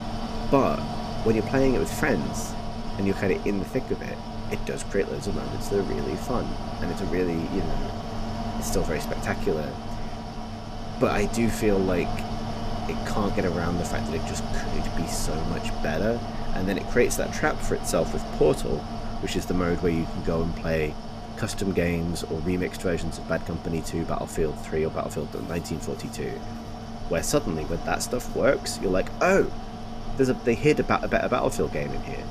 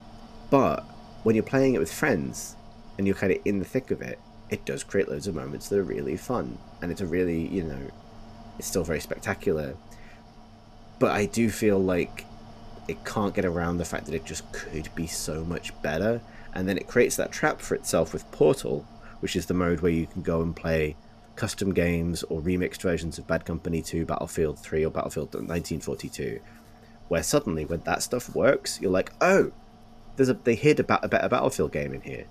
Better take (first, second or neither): second